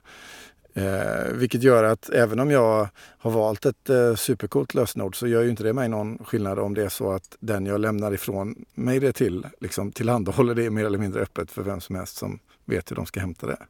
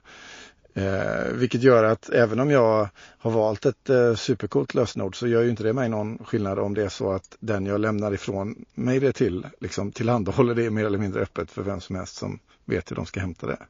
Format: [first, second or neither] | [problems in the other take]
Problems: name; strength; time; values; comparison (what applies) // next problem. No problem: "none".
first | garbled, watery; slightly